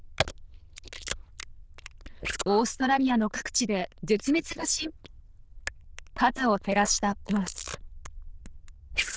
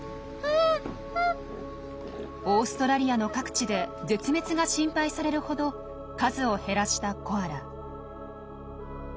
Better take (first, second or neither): second